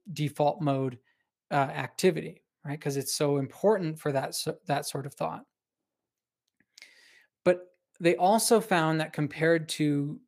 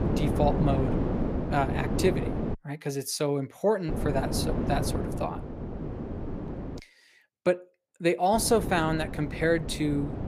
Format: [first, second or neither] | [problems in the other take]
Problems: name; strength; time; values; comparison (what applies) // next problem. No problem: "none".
first | wind noise on the microphone; heavy; until 2.5 s, from 4 to 7 s and from 8.5 s on; 7 dB below the speech